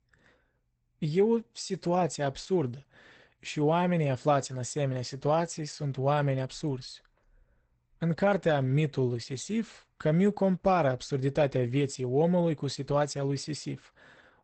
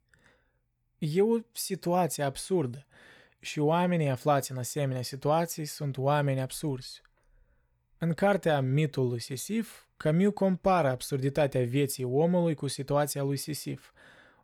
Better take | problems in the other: second | garbled, watery; badly; nothing above 8 kHz

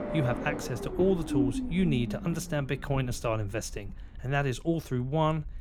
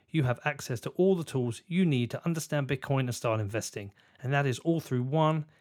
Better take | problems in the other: second | low rumble; loud; throughout; 5 dB below the speech

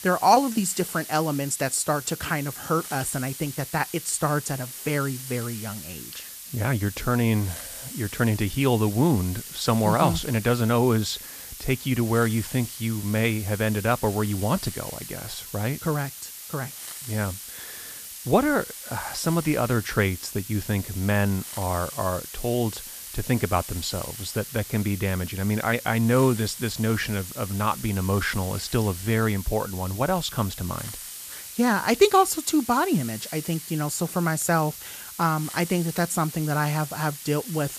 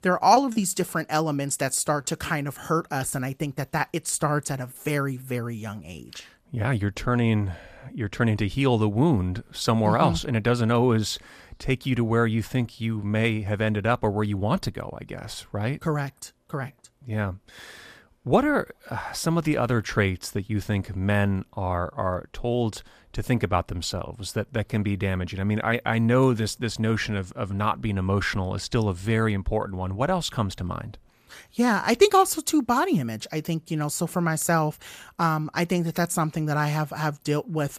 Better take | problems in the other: second | hiss; noticeable; throughout; 10 dB below the speech

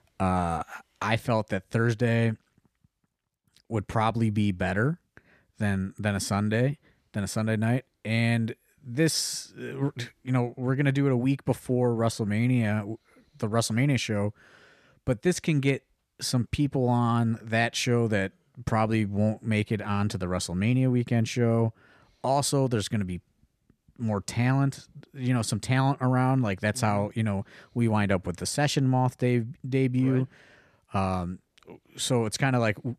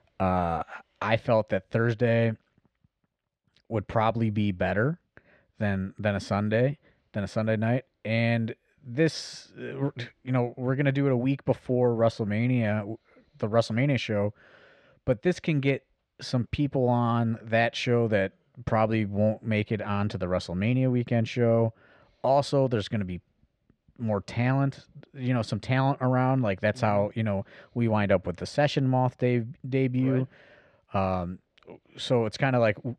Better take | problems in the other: first | muffled; slightly; fading above 3.5 kHz

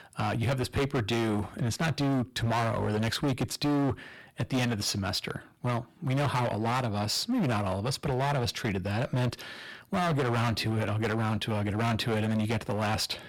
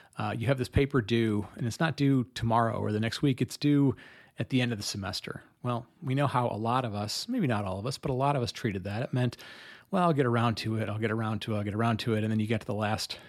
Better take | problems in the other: second | distortion; heavy; 20% of the sound clipped

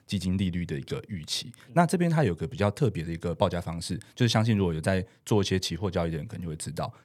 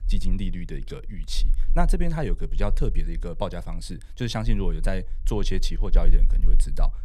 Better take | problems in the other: first | low rumble; faint; throughout; 20 dB below the speech

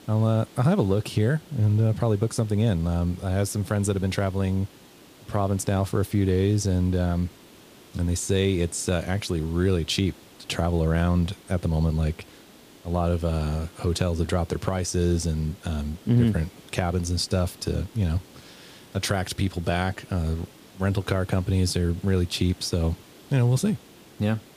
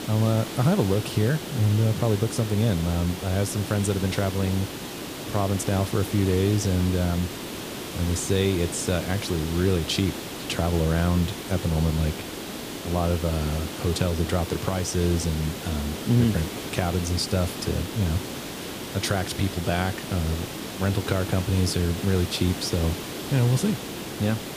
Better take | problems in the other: first | hiss; loud; throughout; 8 dB below the speech; faint in the first

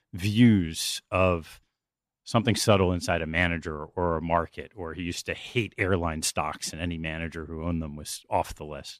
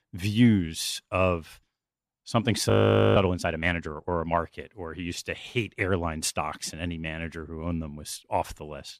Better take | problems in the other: first | audio freezing; at 2.5 s

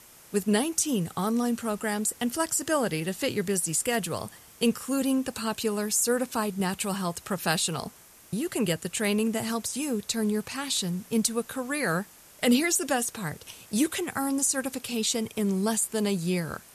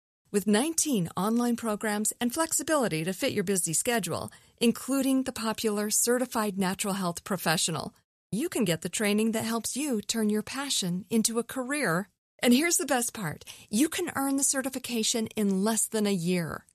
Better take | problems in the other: second | hiss; faint; throughout; 20 dB below the speech

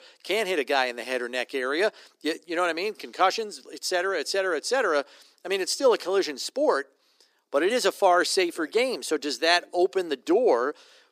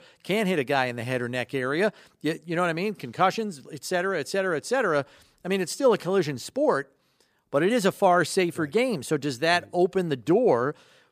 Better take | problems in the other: second | thin; somewhat; fading below 300 Hz

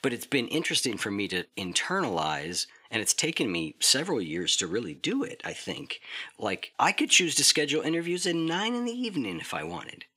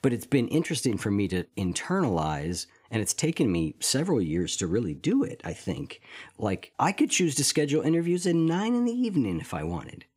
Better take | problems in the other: second | thin; somewhat; fading below 550 Hz

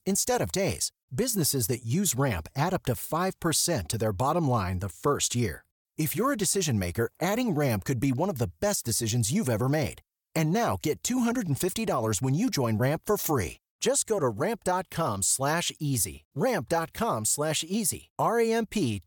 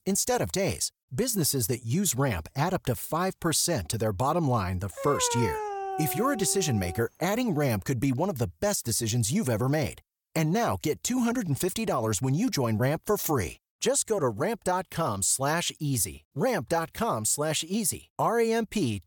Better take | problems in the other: first | dog barking; noticeable; from 5 to 7 s; peak 3 dB below the speech

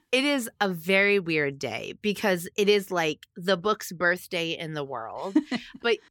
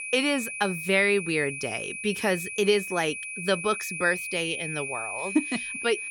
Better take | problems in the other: first | high-pitched whine; loud; throughout; 2.5 kHz, 6 dB below the speech

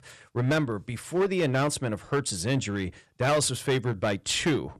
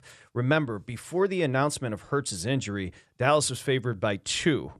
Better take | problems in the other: second | distortion; slight; 8% of the sound clipped

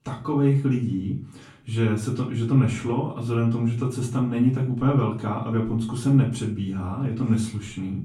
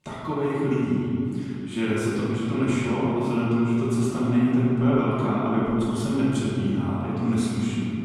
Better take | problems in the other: first | room echo; strong; dies away in 2.5 s; slight in the first // off-mic speech; far; far in the first

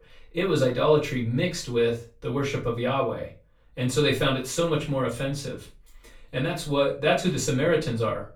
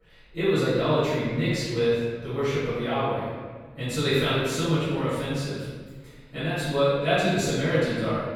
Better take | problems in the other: first | room echo; strong; dies away in 1.4 s; slight in the first // off-mic speech; far; far in the first

